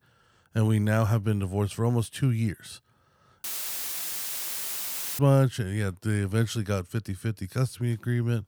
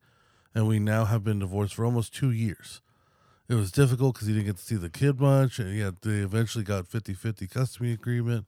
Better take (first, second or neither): second